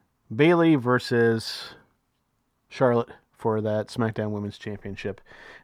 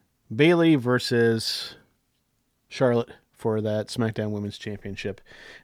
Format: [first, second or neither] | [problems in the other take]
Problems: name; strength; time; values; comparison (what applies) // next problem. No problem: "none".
second | muffled; very slightly; fading above 2.5 kHz